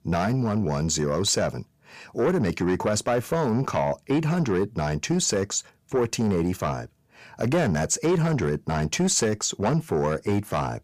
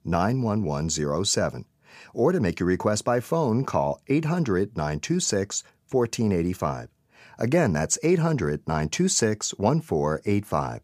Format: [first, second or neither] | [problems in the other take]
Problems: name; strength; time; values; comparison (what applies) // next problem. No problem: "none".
second | distortion; slight; 10 dB below the speech